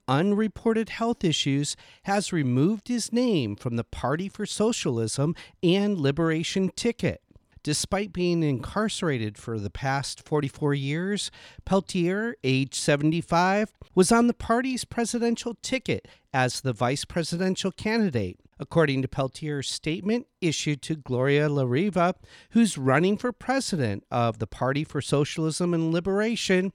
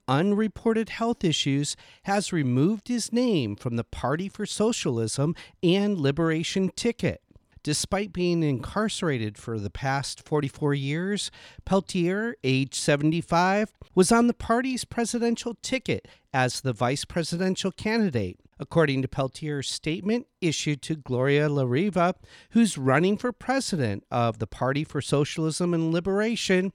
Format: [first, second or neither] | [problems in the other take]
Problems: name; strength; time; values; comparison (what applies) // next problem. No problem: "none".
neither | none